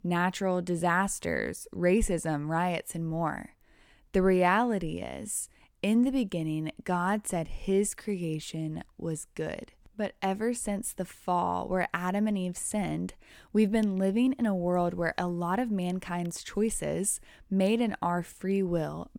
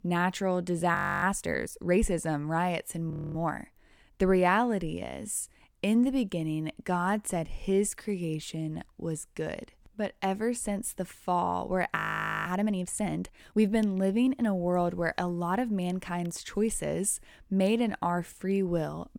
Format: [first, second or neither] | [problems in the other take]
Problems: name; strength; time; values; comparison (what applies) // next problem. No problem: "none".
first | audio freezing; at 1 s, at 3 s and at 12 s